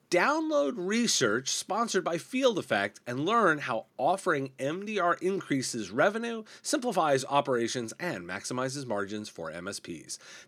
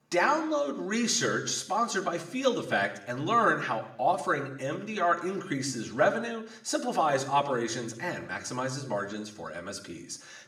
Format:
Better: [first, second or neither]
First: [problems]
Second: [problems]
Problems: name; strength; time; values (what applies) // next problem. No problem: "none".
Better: first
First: none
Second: room echo; slight; dies away in 0.7 s // off-mic speech; somewhat distant